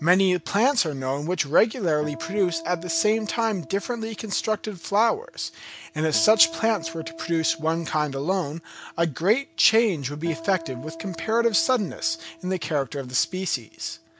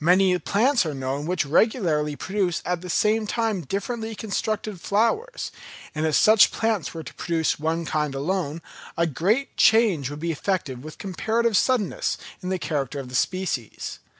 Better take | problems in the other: second | background sound (Acoustic guitar); 18 dB below the speech

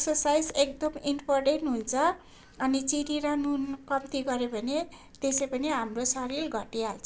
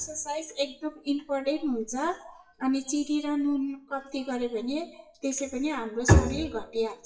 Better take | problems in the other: first | noise reduction (classical method WPE with log-MMSE)

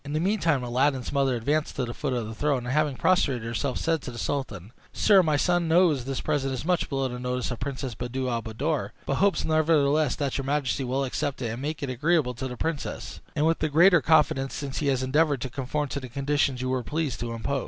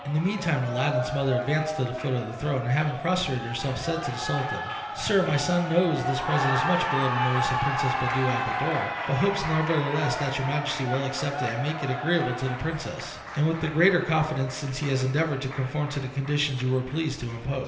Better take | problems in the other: first | background sound (Cheering); 5 dB below the speech // room echo; dies away in 1.4 s

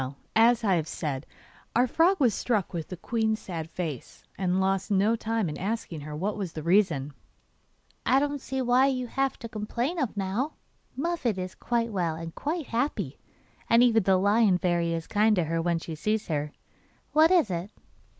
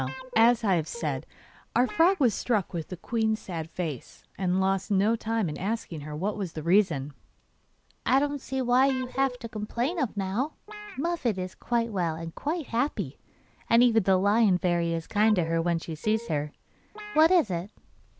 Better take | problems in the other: first | background sound (Guitar); 15 dB below the speech

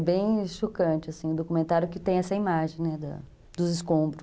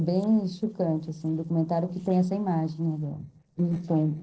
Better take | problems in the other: first | noise reduction (neural separator model SepFormer DNS4)

